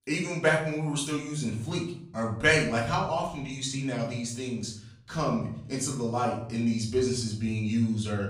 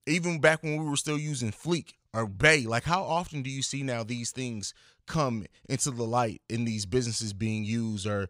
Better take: second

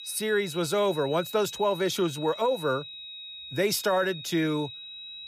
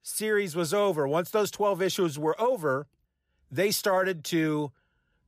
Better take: second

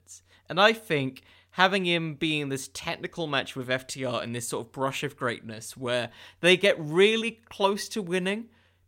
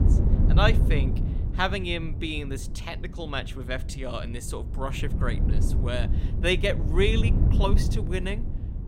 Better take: first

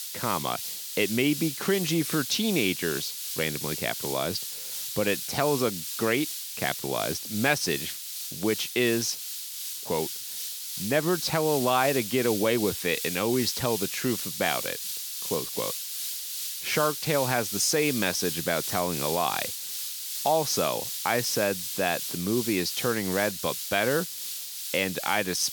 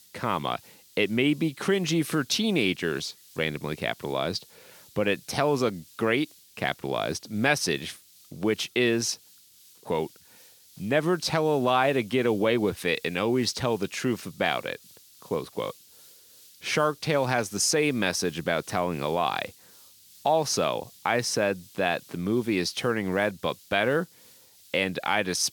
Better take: second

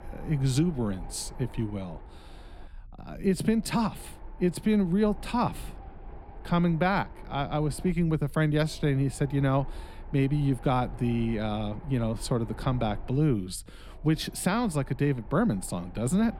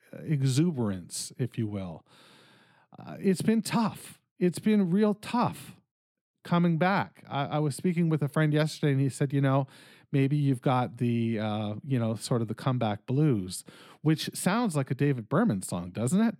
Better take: second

